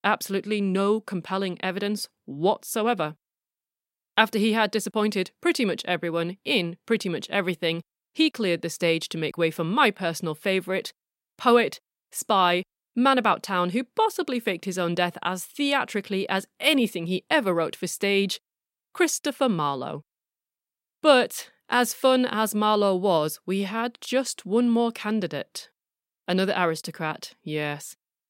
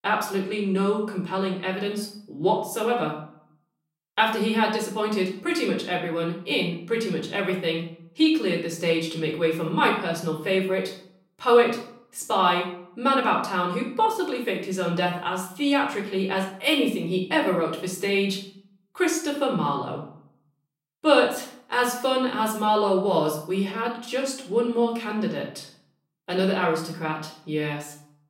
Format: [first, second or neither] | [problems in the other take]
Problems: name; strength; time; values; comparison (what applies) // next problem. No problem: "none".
first | off-mic speech; somewhat distant // room echo; slight; dies away in 0.5 s